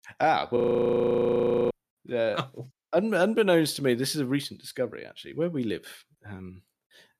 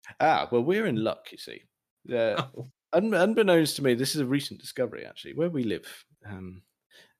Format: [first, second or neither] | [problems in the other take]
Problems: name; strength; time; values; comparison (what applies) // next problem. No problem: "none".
second | audio freezing; at 0.5 s for 1 s